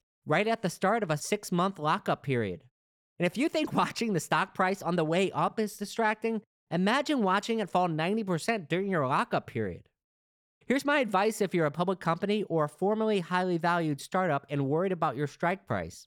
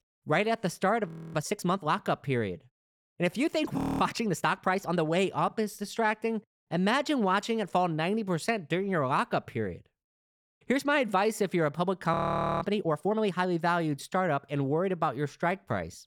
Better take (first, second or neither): first